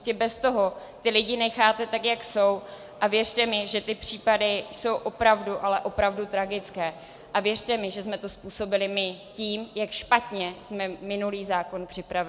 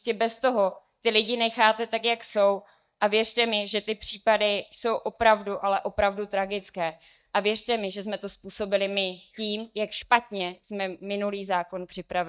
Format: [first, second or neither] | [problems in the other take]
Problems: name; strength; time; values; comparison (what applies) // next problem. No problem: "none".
first | noise reduction (neural mask model DeepFilterNet 3)